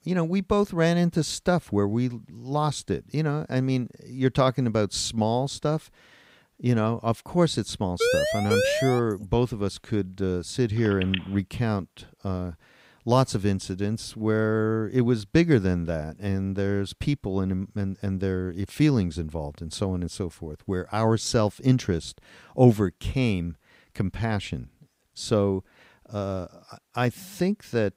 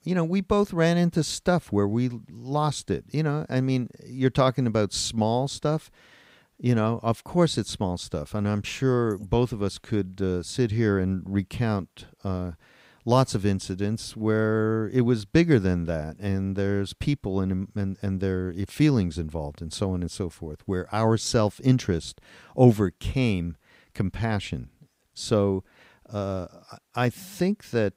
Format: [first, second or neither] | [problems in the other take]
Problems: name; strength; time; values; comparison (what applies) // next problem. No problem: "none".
second | siren; loud; at 8 s; peak 2 dB above the speech // phone ringing; noticeable; at 11 s; peak 6 dB below the speech